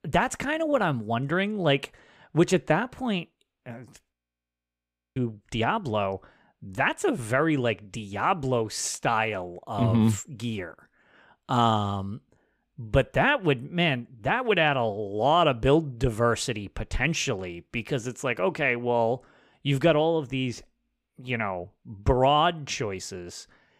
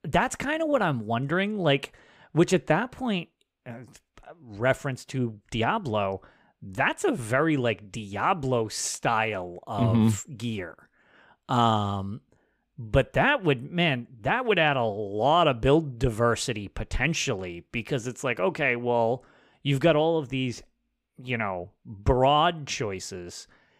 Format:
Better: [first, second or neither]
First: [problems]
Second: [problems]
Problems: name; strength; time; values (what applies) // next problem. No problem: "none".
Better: second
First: audio freezing; at 4 s for 1 s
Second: none